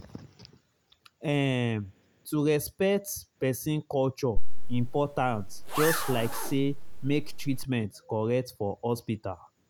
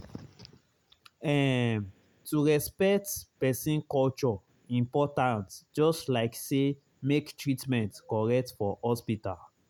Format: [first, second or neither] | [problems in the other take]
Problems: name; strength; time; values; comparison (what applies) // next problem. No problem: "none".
second | background sound (Zipper (clothing)); 5 dB above the speech